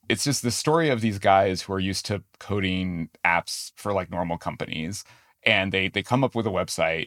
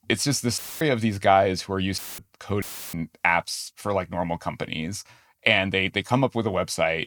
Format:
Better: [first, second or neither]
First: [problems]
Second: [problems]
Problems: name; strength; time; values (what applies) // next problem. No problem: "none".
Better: first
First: none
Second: audio cutting out; filled with static; at 0.5 s, at 2 s and at 2.5 s